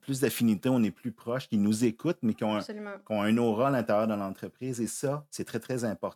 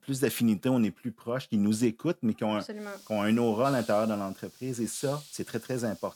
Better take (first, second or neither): first